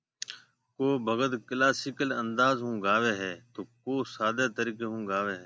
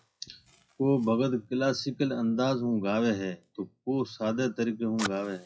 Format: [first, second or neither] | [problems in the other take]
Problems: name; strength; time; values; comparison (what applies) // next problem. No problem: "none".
first | noise reduction (classical method WPE with log-MMSE)